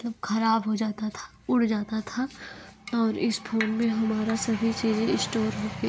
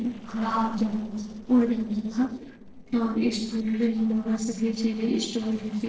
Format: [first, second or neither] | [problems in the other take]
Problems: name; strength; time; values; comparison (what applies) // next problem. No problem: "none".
first | noise reduction (neural separator model SepFormer DNS4)